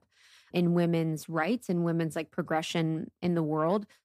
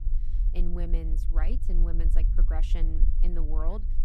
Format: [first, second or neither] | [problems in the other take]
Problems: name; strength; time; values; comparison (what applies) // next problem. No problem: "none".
first | low rumble; loud; throughout; 9 dB below the speech